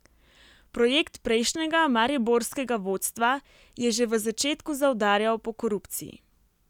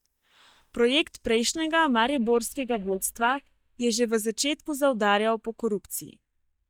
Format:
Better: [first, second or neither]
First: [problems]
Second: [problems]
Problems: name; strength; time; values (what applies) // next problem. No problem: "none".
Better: first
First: none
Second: noise reduction (neural mask model DeepFilterNet 3)